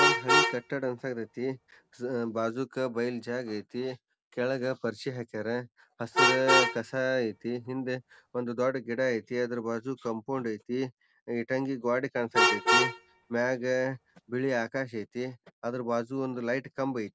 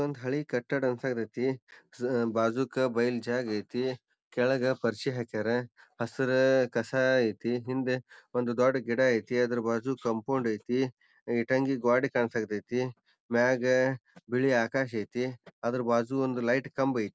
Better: second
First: background sound (Vehicle horn, car horn, honking); 1 dB below the speech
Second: none

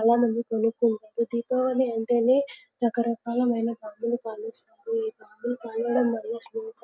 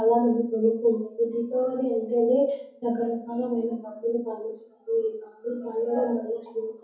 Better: first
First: none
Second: room echo; dies away in 0.6 s

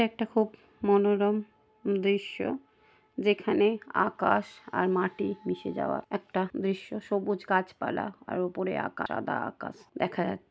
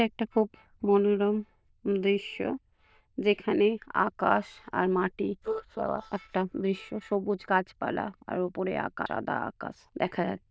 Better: first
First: none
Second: noise reduction (neural diffusion model UNIVERSE++)

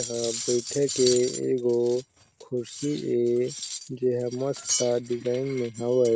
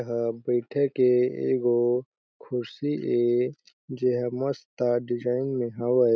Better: second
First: noise reduction (neural mask model RNNoise)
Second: none

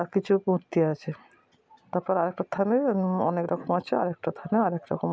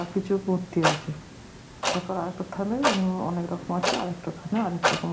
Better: first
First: none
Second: background sound (Clock); 2 dB below the speech // room echo; dies away in 0.4 s

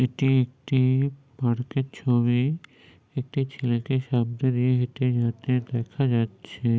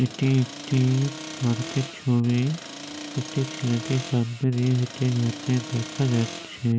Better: first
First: none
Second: background sound (Accelerating, revving, vroom); 12 dB below the speech

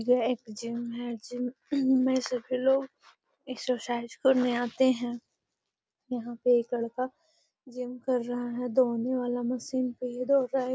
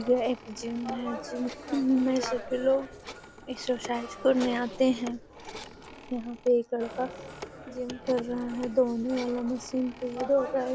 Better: first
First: none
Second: background sound (Telephone); 12 dB below the speech

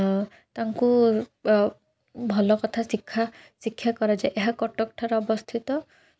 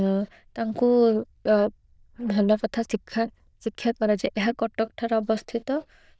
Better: first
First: none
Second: noise reduction (neural diffusion model UNIVERSE++)

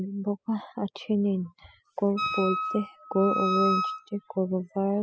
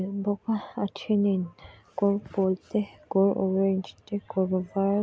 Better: second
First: noise reduction (classical method spectral subtraction)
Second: none

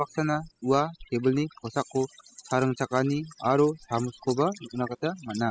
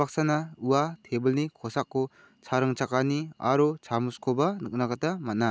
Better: second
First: noise reduction (classical method spectral subtraction)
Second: none

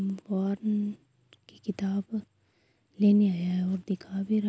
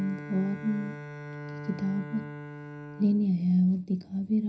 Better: first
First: none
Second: background sound (Bowed string instrument); 13 dB below the speech // room echo; dies away in 0.4 s

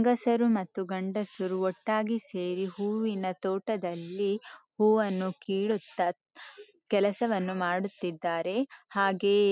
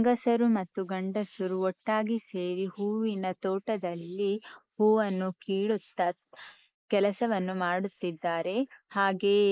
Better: first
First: none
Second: noise reduction (neural mask model Resemble Enhance denoiser)

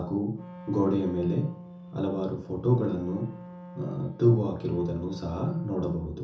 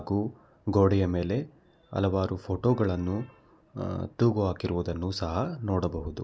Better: second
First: background sound (Wind instrument, woodwind instrument); 16 dB below the speech // room echo; dies away in 0.7 s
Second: none

